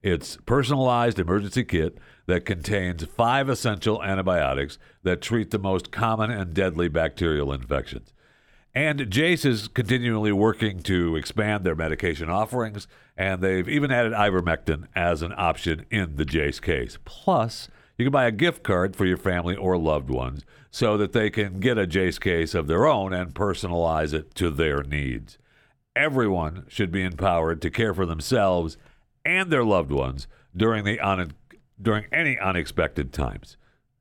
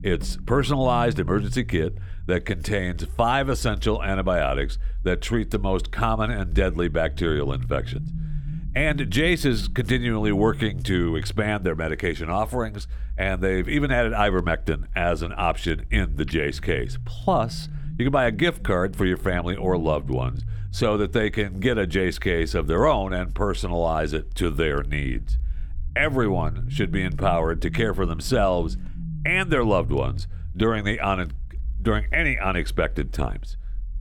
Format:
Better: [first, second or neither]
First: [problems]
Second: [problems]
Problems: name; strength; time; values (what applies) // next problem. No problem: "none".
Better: first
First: none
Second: low rumble; faint; throughout; 25 dB below the speech